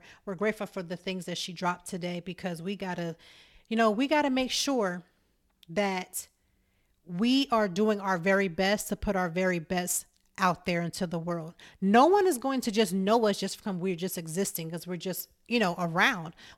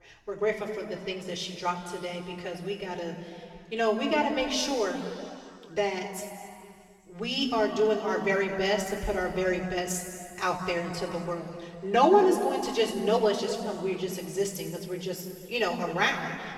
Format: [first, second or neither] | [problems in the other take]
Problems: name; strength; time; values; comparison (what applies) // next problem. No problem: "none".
first | room echo; noticeable; dies away in 2.3 s // off-mic speech; far